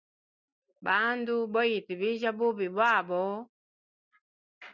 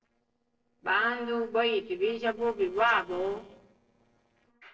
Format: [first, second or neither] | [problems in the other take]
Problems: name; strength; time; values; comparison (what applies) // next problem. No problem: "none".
first | noise reduction (neural separator model SepFormer DNS4)